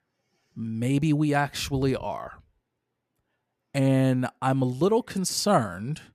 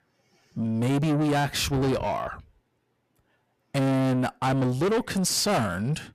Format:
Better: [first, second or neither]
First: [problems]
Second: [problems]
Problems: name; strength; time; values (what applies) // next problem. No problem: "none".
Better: first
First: none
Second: distortion; heavy; 7 dB below the speech